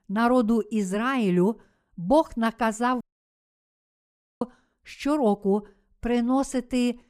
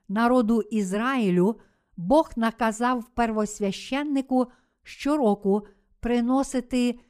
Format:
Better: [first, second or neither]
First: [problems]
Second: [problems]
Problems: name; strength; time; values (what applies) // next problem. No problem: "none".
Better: second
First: audio cutting out; at 3 s for 1.5 s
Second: none